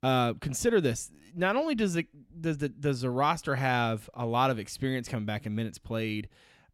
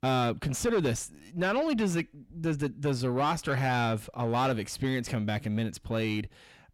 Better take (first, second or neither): first